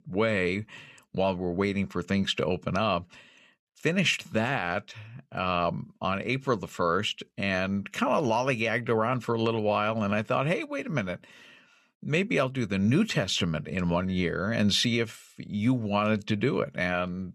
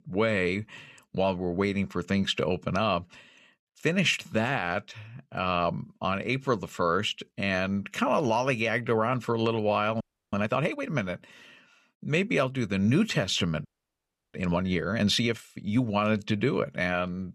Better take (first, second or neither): first